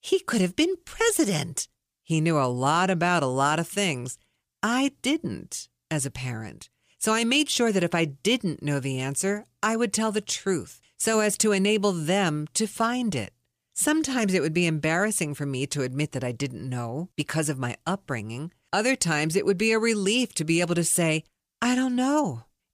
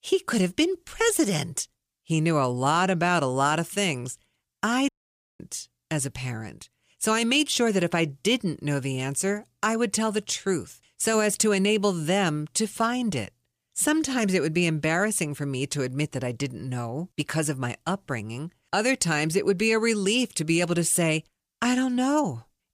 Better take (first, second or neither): first